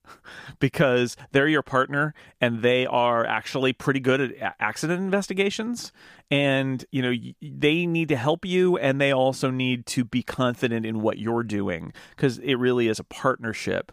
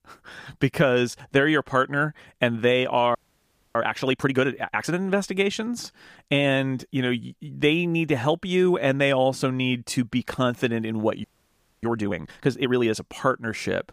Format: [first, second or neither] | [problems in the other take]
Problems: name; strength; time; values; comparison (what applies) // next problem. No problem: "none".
first | audio freezing; at 3 s for 0.5 s and at 11 s for 0.5 s